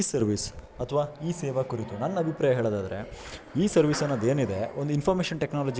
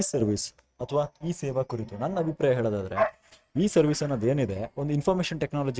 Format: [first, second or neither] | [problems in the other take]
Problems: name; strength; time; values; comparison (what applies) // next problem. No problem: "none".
first | noise reduction (neural mask model RNNoise)